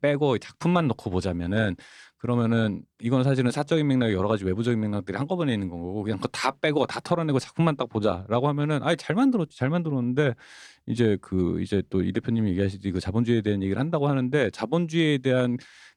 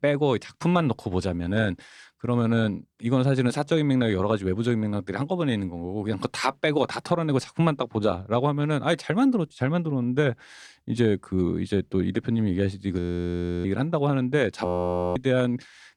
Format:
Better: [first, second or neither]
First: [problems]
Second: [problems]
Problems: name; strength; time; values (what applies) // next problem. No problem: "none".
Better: first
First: none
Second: audio freezing; at 13 s for 0.5 s and at 15 s for 0.5 s